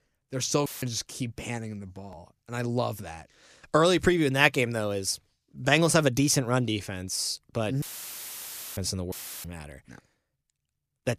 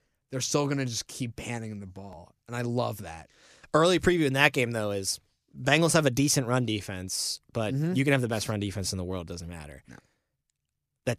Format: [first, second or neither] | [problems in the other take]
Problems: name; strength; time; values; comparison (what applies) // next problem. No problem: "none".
second | audio cutting out; filled with static; at 0.5 s, at 8 s for 1 s and at 9 s